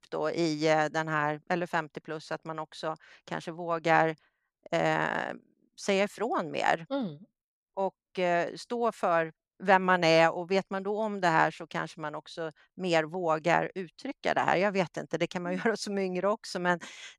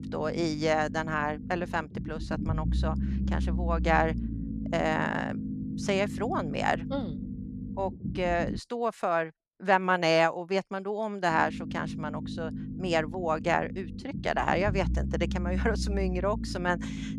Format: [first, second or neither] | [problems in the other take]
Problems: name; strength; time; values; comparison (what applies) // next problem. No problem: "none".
first | low rumble; noticeable; until 8.5 s and from 11 s on; 15 dB below the speech